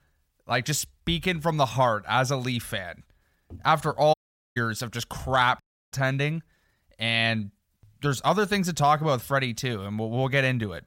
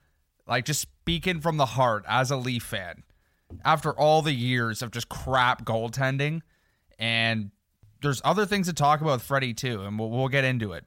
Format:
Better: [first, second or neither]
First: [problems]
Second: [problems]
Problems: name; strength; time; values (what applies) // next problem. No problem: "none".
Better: second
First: audio cutting out; at 4 s and at 5.5 s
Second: none